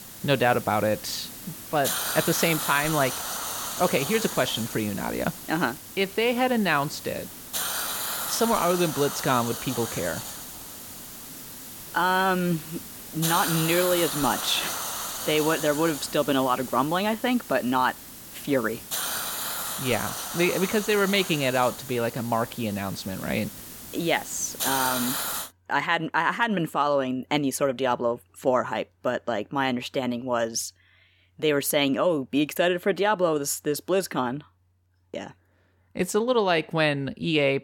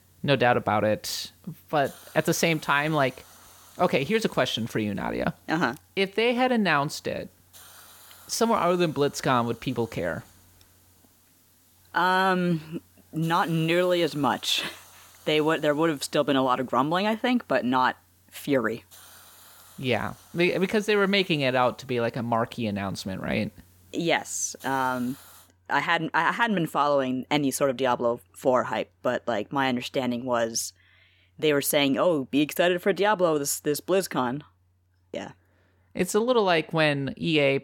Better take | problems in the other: second | hiss; loud; until 25 s; 6 dB below the speech; faint in the second

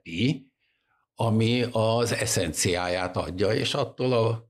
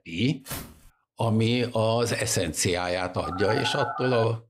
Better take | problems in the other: first | footsteps; faint; at 0.5 s; peak 10 dB below the speech // phone ringing; noticeable; from 3 s on; peak 4 dB below the speech

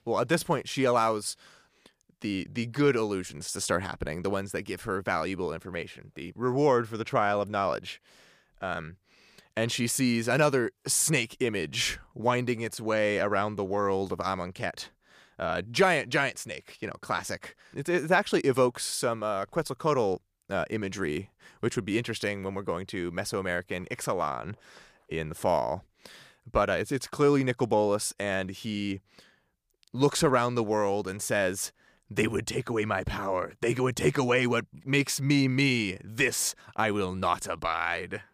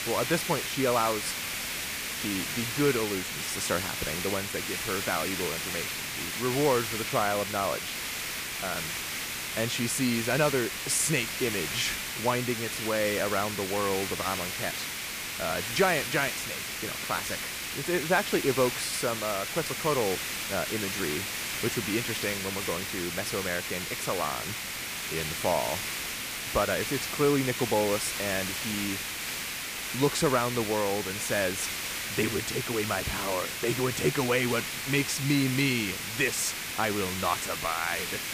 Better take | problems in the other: first | hiss; loud; throughout; 2 dB below the speech

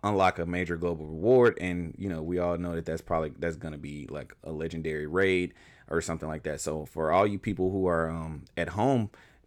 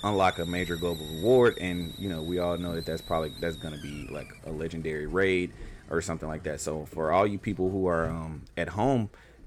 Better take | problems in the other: first | hiss; noticeable; throughout; 15 dB below the speech

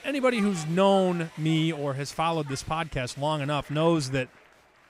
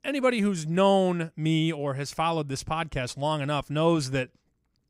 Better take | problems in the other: second | crowd noise; noticeable; throughout; 20 dB below the speech

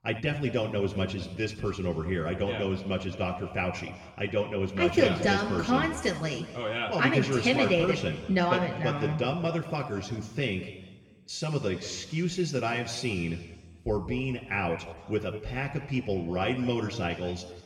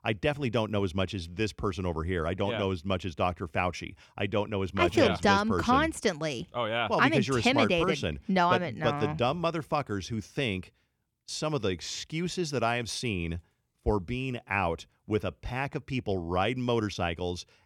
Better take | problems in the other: second | room echo; noticeable; dies away in 1.4 s // off-mic speech; far

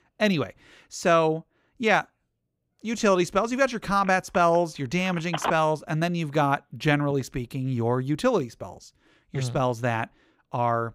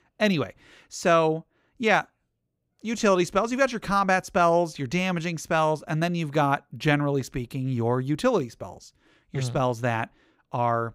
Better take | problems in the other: second | phone ringing; noticeable; from 4 to 7 s; peak 5 dB below the speech

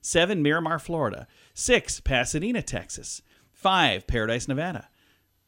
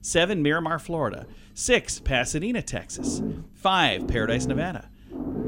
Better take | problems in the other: first | low rumble; noticeable; throughout; 15 dB below the speech

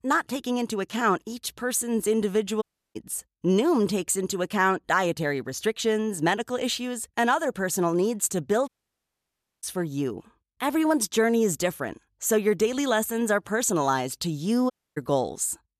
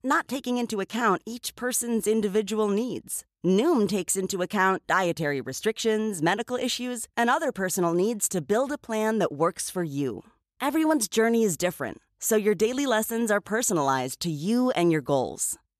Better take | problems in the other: second | audio cutting out; at 2.5 s, at 8.5 s for 1 s and at 15 s

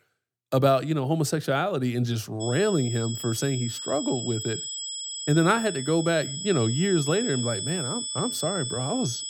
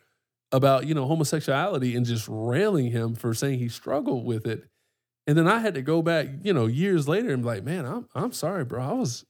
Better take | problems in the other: second | high-pitched whine; loud; from 2.5 s on; 8 kHz, 5 dB below the speech

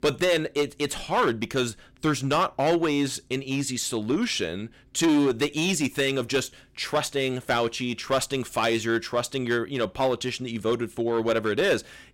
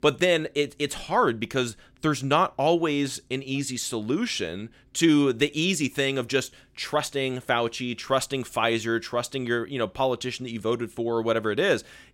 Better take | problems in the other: second | distortion; slight; 6% of the sound clipped

